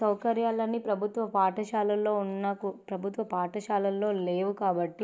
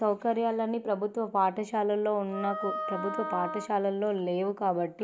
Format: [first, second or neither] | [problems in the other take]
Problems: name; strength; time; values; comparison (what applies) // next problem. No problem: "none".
first | background sound (Wind instrument, woodwind instrument); 6 dB below the speech